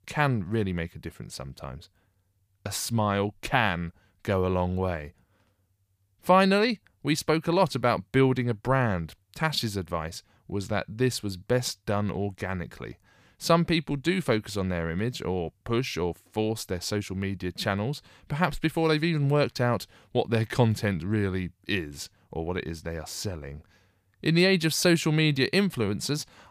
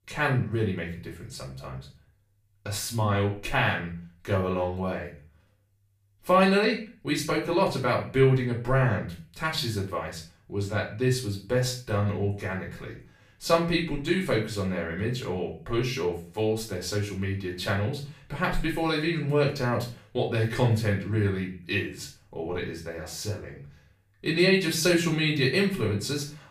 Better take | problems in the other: first | room echo; slight; dies away in 0.4 s // off-mic speech; far

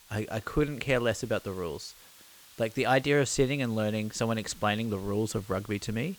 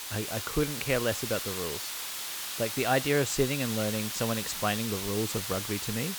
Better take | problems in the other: first | hiss; loud; throughout; 3 dB below the speech; faint in the first

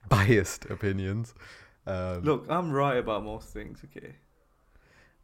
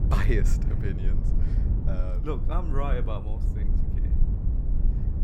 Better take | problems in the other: first | low rumble; loud; throughout; 8 dB below the speech

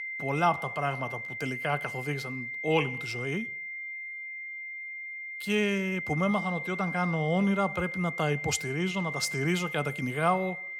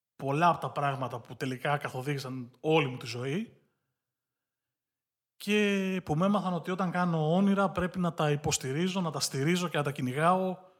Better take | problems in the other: second | high-pitched whine; loud; throughout; 2 kHz, 5 dB below the speech

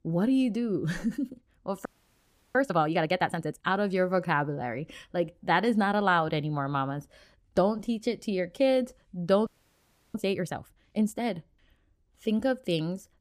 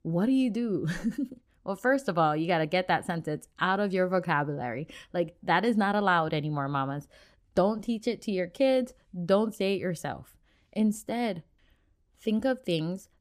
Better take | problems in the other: second | audio freezing; at 2 s for 0.5 s and at 9.5 s for 0.5 s

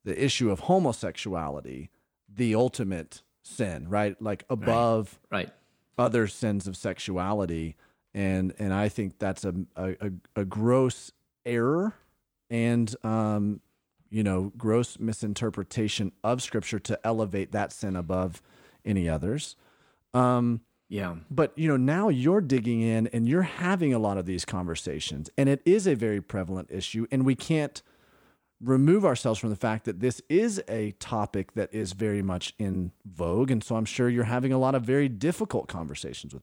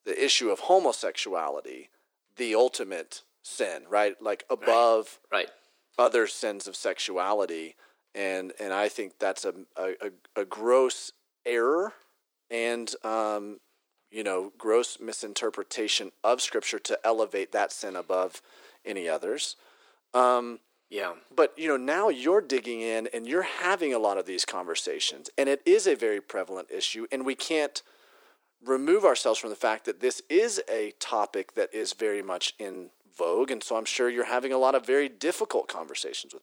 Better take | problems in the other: first | thin; very; fading below 350 Hz

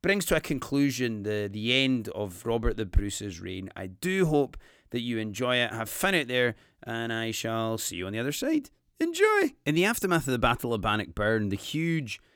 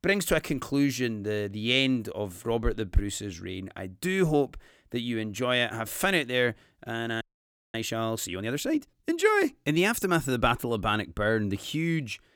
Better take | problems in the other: first | audio freezing; at 7 s for 0.5 s

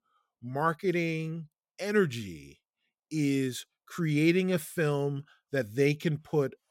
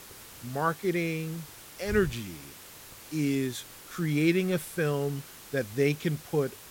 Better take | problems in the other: first | hiss; noticeable; throughout; 15 dB below the speech

